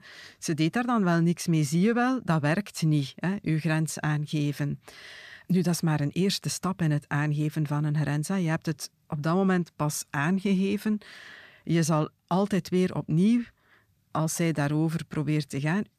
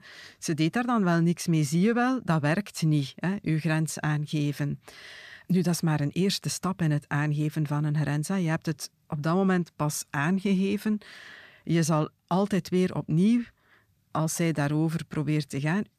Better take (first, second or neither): neither